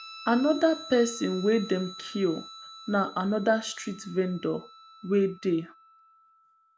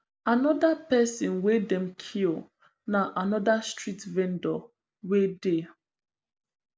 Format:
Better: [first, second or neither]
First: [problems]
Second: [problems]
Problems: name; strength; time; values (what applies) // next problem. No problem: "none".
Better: second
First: background sound (Guitar); 18 dB below the speech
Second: none